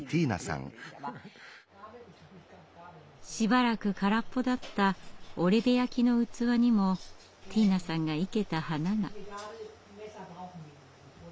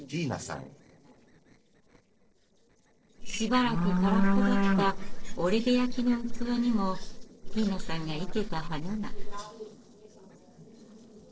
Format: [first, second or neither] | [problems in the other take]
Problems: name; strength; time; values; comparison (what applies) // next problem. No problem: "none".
first | noise reduction (neural separator model SepFormer DNS4)